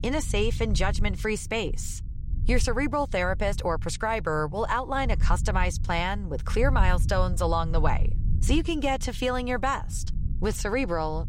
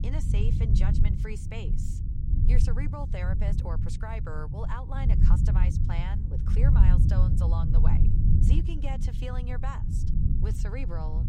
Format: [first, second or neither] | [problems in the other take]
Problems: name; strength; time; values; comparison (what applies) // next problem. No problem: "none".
first | low rumble; loud; throughout; 1 dB below the speech; faint in the first